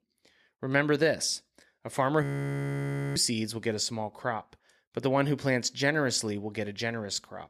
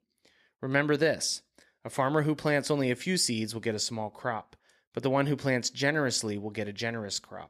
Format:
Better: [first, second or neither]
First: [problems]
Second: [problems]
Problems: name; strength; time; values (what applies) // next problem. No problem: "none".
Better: second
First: audio freezing; at 2 s for 1 s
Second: none